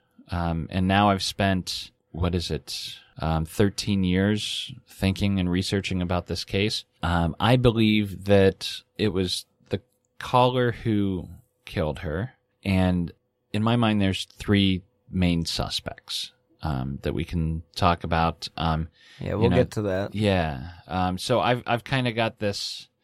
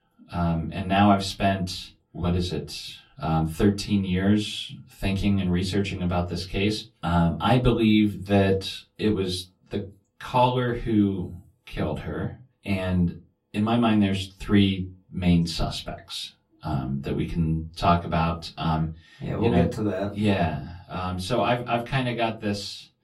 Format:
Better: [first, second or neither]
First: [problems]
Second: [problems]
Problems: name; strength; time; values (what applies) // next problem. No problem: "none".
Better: first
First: none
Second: off-mic speech; far // room echo; very slight; dies away in 0.2 s